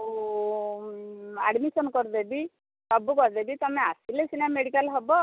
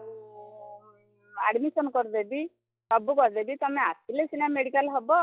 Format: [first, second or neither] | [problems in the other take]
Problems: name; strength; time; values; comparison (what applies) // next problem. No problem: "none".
first | noise reduction (classical method log-MMSE)